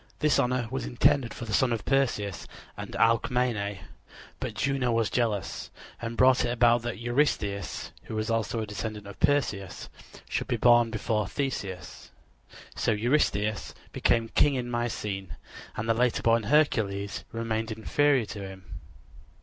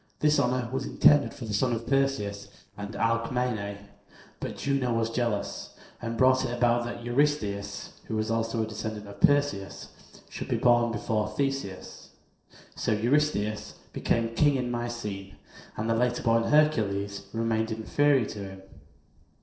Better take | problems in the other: first | noise reduction (neural separator model SepFormer DNS4)

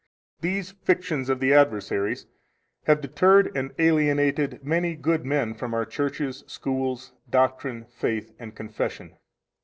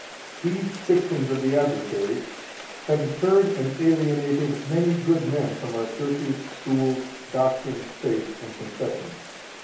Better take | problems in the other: first | background sound (Rain); 15 dB below the speech // room echo; dies away in 0.7 s

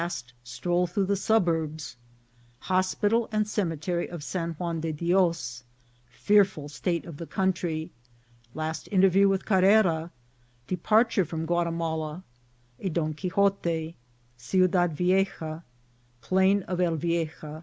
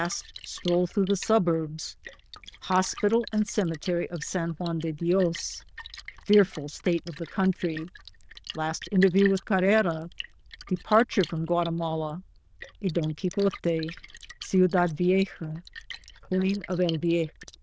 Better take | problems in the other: first | noise reduction (neural diffusion model UNIVERSE++)

